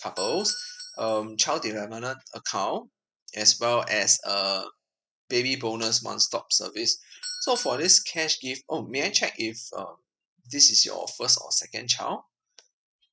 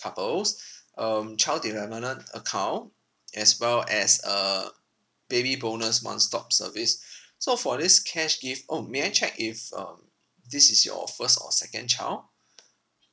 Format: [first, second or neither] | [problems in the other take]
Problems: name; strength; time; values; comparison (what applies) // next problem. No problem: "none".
second | noise reduction (classical method spectral subtraction)